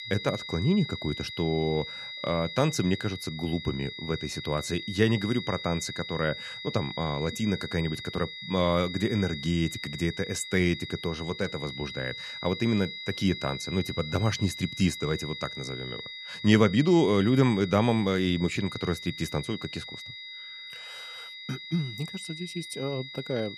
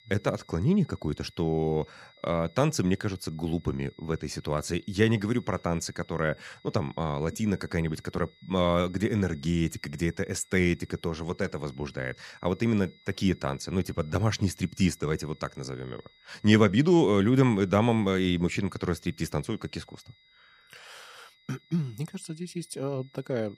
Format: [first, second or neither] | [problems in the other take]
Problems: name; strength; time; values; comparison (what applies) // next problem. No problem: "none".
second | high-pitched whine; loud; throughout; 2 kHz, 9 dB below the speech; faint in the second